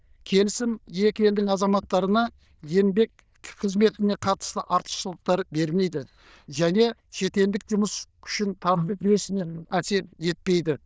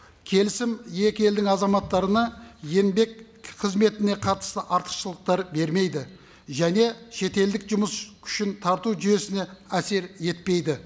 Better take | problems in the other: second | noise reduction (neural diffusion model UNIVERSE++)

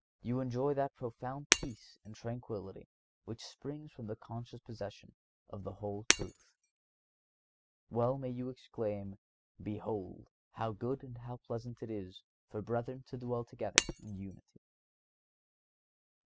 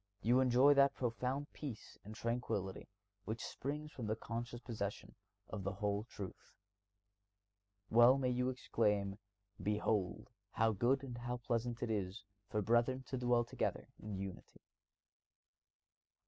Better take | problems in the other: second | noise reduction (classical method spectral subtraction)

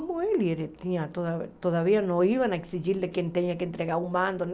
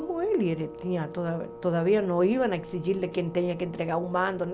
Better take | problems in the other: first | background sound (Wind instrument, woodwind instrument); 16 dB below the speech

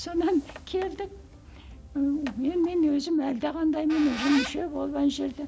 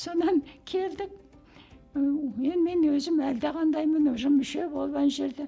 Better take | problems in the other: second | background sound (Squeak); 15 dB below the speech

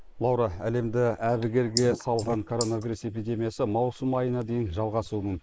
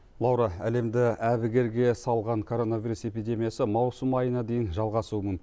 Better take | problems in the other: second | noise reduction (neural mask model Resemble Enhance denoiser)

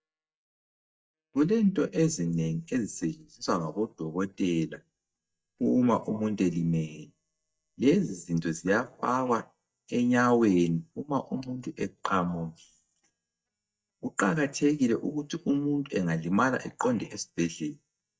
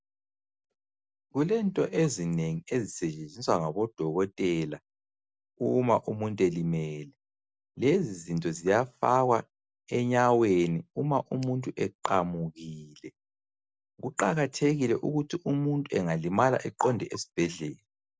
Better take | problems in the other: second | noise reduction (neural mask model DeepFilterNet 3)

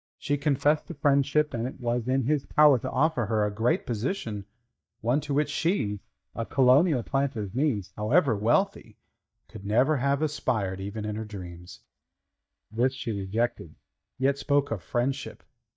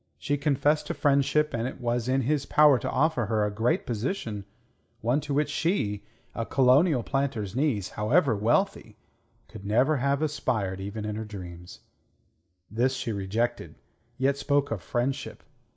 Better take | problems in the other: second | noise reduction (neural mask model DeepFilterNet 3)

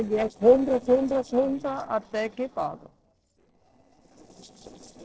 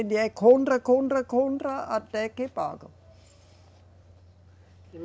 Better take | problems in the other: second | noise reduction (neural separator model SepFormer DNS4)

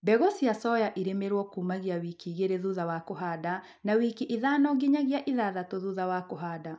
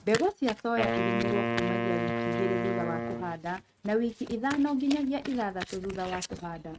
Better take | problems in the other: first | noise reduction (neural mask model RNNoise)

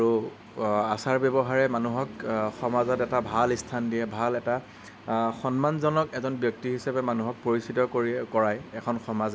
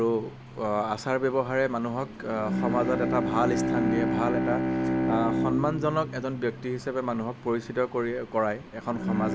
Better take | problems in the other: first | background sound (Bowed string instrument); 2 dB below the speech

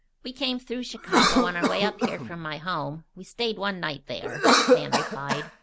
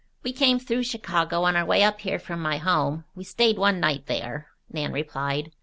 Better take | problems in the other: second | background sound (Cough); 5 dB above the speech

